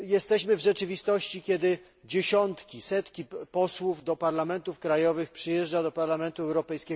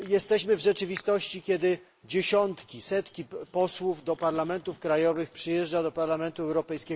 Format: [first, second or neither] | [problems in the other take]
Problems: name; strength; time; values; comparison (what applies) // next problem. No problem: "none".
first | noise reduction (neural mask model Resemble Enhance denoiser)